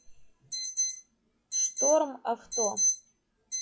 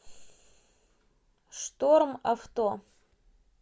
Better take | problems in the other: second | noise reduction (classical method log-MMSE)

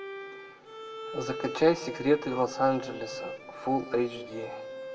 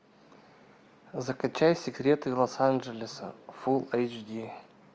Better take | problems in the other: second | background sound (Bowed string instrument); 11 dB below the speech // room echo; dies away in 1.7 s

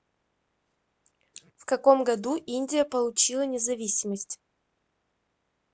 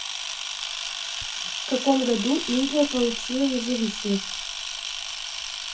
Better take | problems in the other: first | background sound (Camera); 4 dB below the speech // room echo; dies away in 0.4 s

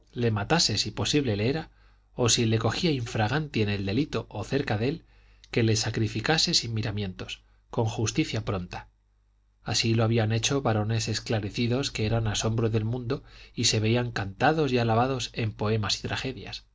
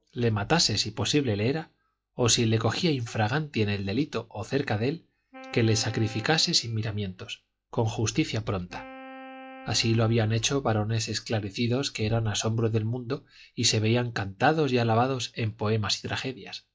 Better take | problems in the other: first | noise reduction (classical method log-MMSE)

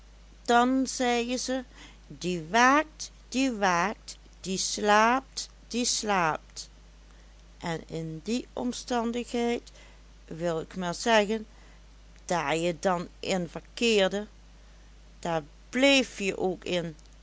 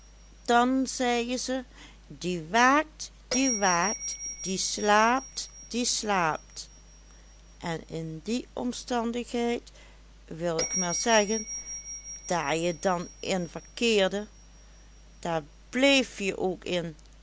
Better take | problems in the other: first | background sound (Bell); 12 dB below the speech

